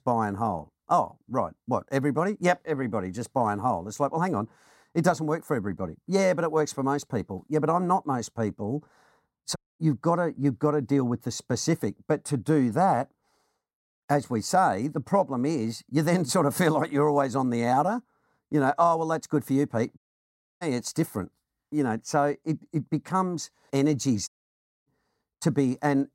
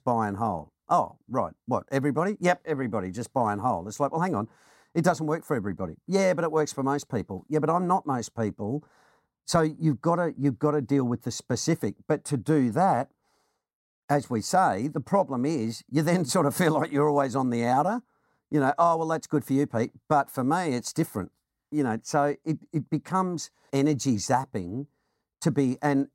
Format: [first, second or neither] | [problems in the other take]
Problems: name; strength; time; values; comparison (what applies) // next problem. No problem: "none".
second | audio cutting out; at 9.5 s, at 20 s for 0.5 s and at 24 s for 0.5 s